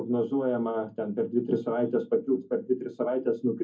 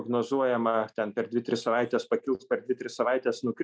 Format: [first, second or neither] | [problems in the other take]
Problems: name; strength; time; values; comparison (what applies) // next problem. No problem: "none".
second | room echo; dies away in 0.3 s